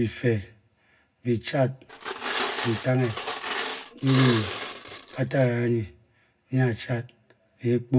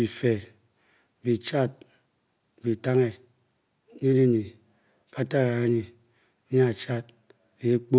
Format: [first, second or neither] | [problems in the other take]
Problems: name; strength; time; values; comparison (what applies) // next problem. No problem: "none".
second | background sound (Glass); 6 dB below the speech // room echo; dies away in 0.3 s